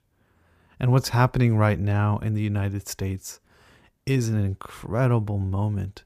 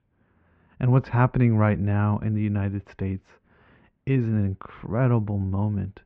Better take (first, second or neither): first